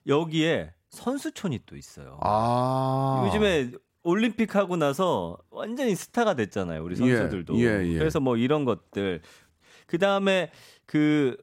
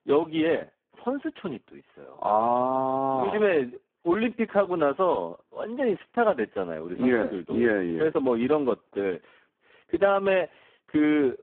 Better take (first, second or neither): first